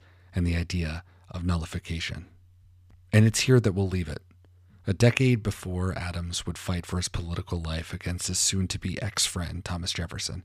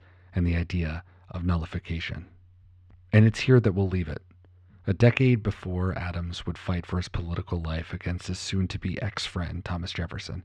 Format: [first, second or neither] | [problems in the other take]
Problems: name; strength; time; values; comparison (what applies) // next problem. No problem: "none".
first | muffled; slightly; fading above 3 kHz